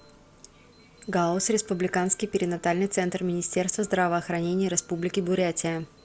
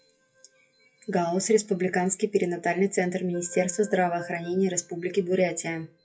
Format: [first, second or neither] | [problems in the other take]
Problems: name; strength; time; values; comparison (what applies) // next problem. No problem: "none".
first | noise reduction (classical method WPE with log-MMSE)